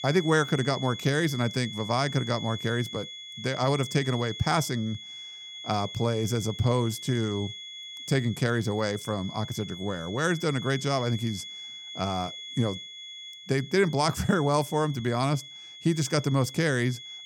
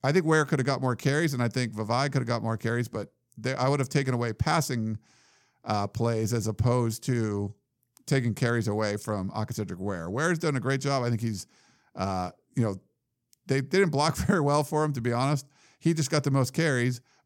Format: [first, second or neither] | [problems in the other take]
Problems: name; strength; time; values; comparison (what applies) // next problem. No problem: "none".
second | high-pitched whine; noticeable; throughout; 3.5 kHz, 10 dB below the speech